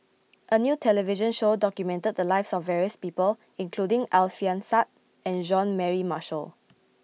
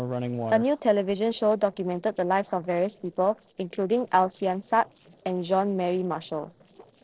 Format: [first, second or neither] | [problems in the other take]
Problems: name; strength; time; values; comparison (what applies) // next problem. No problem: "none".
first | noise reduction (neural separator model SepFormer DNS4)